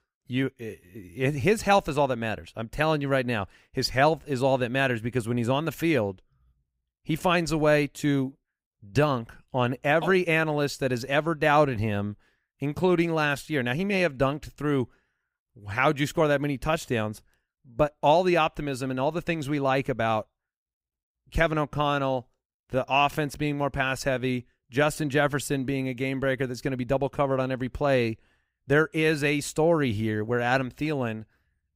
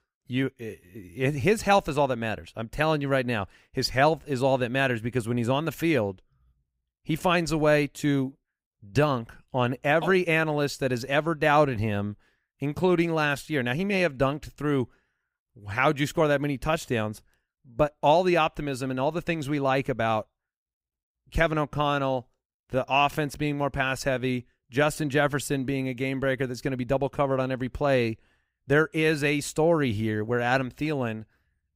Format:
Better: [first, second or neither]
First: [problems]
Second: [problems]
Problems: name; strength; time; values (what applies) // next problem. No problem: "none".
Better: neither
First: none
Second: none